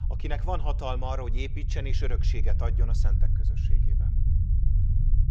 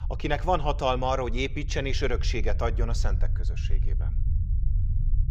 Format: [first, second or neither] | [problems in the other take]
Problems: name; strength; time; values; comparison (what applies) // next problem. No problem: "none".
second | low rumble; loud; throughout; 9 dB below the speech; faint in the second